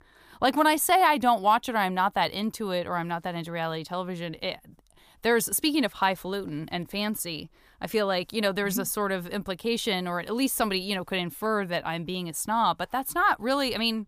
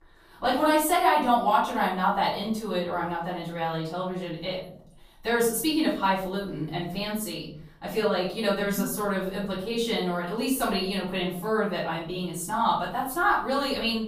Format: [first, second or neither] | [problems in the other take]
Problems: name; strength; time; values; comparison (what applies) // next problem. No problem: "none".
first | off-mic speech; far // room echo; noticeable; dies away in 0.6 s